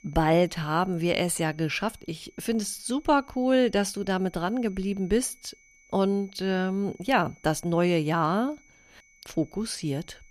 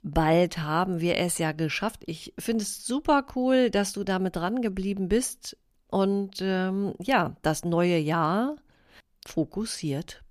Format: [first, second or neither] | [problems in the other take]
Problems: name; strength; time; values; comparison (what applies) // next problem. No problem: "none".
second | high-pitched whine; faint; throughout; 2 kHz, 30 dB below the speech